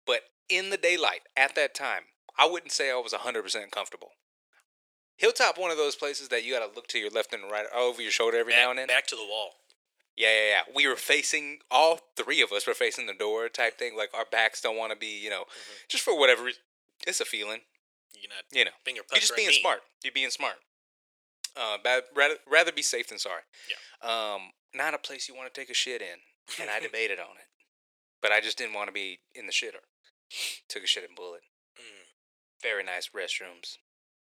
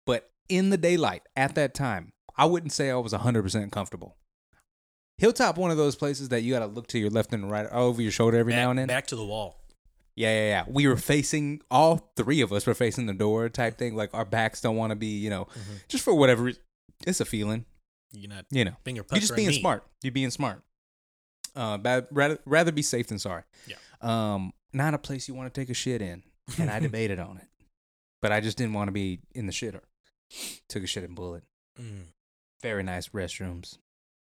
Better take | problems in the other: second | thin; very; fading below 450 Hz

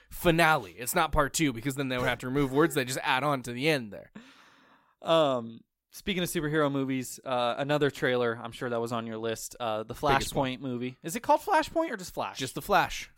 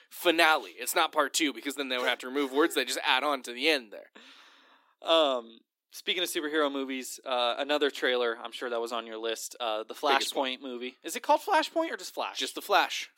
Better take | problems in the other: first | thin; very slightly; fading below 300 Hz

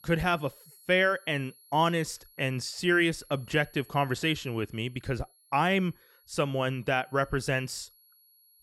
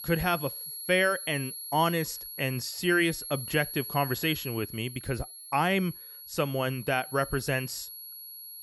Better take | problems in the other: first | high-pitched whine; loud; throughout; 11.5 kHz, 9 dB below the speech; faint in the first

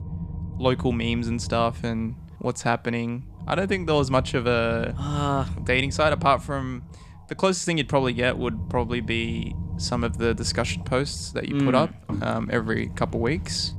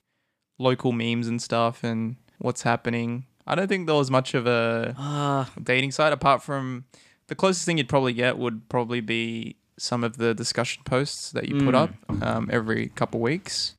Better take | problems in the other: second | low rumble; faint; throughout; 20 dB below the speech

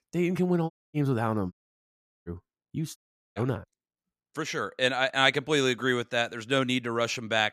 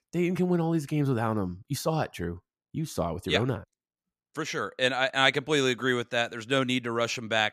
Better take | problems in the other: second | audio cutting out; at 0.5 s, at 1.5 s for 0.5 s and at 3 s

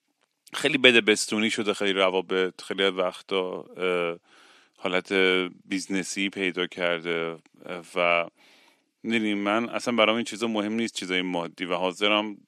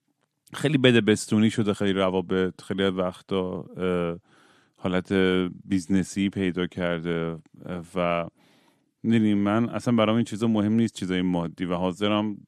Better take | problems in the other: second | thin; somewhat; fading below 350 Hz

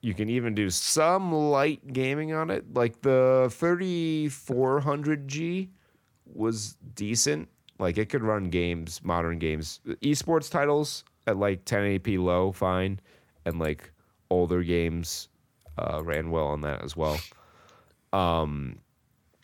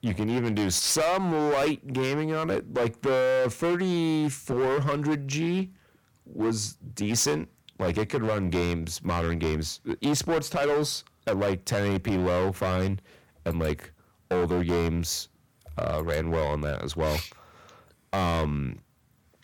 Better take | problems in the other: first | distortion; heavy; 14% of the sound clipped

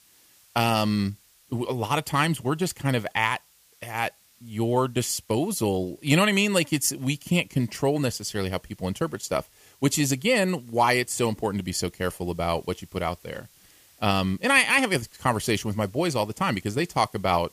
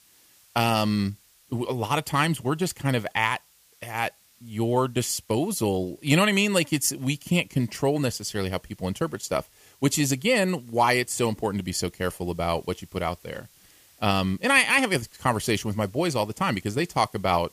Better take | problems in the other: neither | hiss; faint; throughout; 30 dB below the speech; the same in both

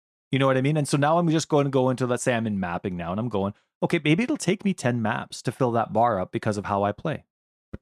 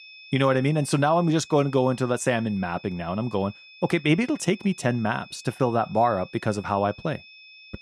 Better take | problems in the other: first | high-pitched whine; faint; throughout; 2.5 kHz, 20 dB below the speech

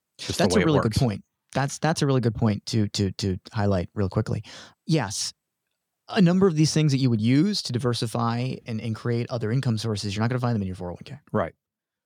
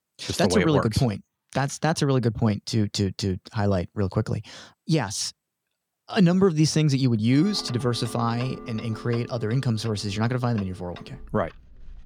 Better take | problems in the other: first | household noises; noticeable; from 7.5 s on; 20 dB below the speech

